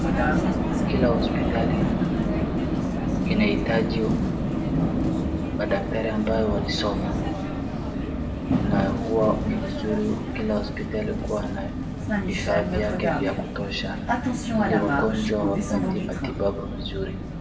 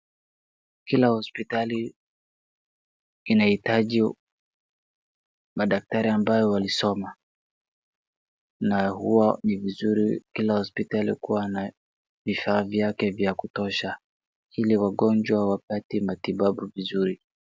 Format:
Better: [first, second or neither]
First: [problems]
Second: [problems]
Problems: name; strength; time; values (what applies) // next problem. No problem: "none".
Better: second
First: background sound (Vehicle); 4 dB above the speech // room echo; dies away in 0.6 s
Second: none